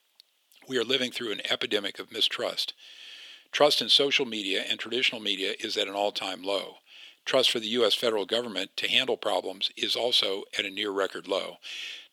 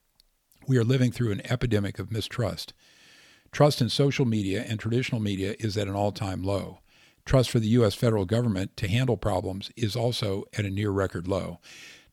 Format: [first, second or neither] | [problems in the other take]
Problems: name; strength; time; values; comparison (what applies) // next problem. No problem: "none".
second | thin; somewhat; fading below 350 Hz